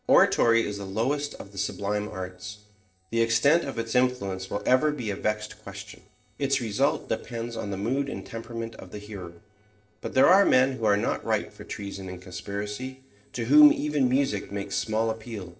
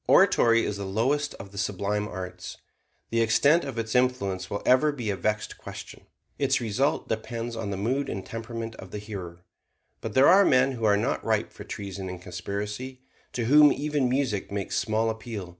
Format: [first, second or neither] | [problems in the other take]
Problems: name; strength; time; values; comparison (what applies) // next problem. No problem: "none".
second | noise reduction (neural separator model SepFormer DNS4)